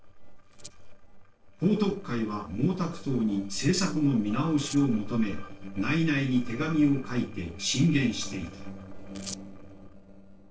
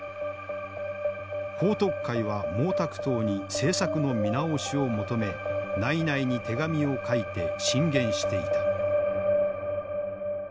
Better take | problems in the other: second | noise reduction (neural separator model SepFormer DNS4)

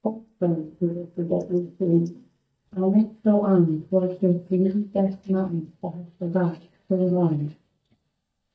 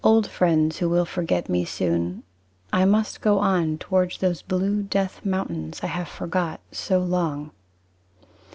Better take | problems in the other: second | noise reduction (neural mask model DeepFilterNet 3)

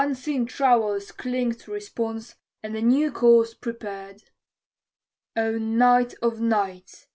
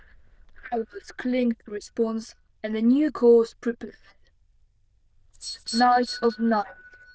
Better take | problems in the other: first | noise reduction (neural diffusion model UNIVERSE++)

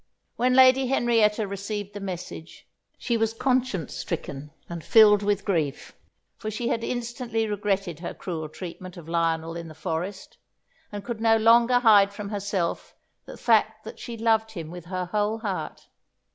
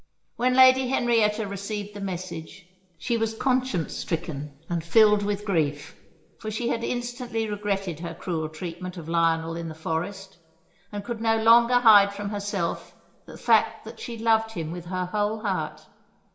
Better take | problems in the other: first | room echo; dies away in 0.9 s

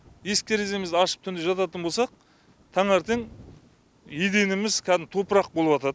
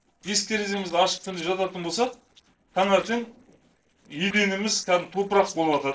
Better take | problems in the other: first | noise reduction (neural separator model SepFormer DNS4)

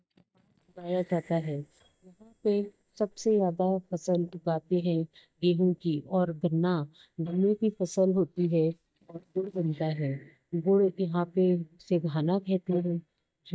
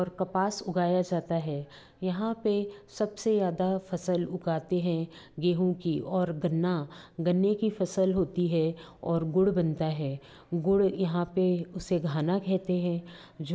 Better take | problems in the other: second | noise reduction (neural mask model DeepFilterNet 3)

